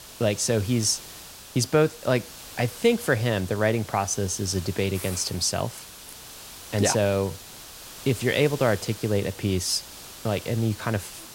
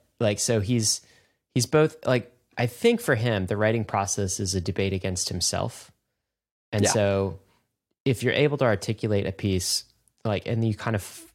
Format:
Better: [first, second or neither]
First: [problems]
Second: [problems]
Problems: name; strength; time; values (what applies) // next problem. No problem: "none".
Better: second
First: hiss; noticeable; throughout; 15 dB below the speech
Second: none